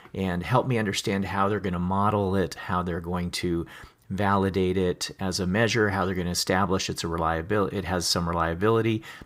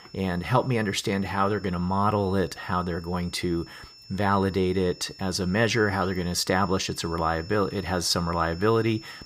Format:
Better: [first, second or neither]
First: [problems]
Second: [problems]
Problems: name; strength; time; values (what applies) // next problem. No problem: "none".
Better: first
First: none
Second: high-pitched whine; faint; throughout; 5.5 kHz, 20 dB below the speech